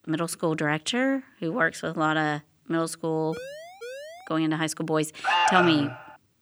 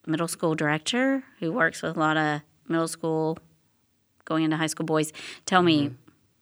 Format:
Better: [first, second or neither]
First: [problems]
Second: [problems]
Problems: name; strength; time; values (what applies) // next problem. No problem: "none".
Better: second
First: siren; faint; at 3.5 s; peak 15 dB below the speech // alarm; loud; at 5 s; peak 5 dB above the speech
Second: none